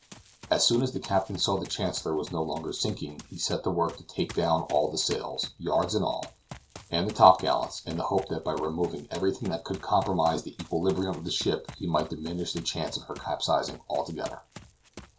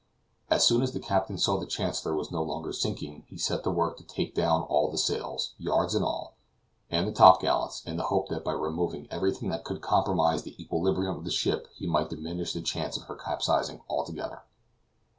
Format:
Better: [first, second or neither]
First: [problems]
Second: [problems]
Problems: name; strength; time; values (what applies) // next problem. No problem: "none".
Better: second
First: background sound (Run); 19 dB below the speech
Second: none